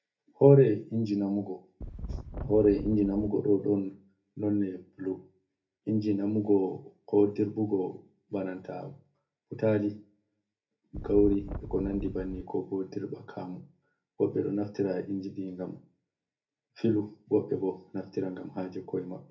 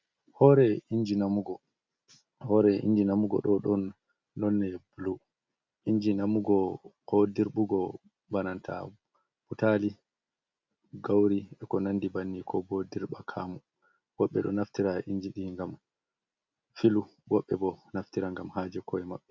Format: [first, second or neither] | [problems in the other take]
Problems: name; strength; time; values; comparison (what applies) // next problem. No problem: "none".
second | background sound (Wind); 9 dB below the speech // room echo; dies away in 0.3 s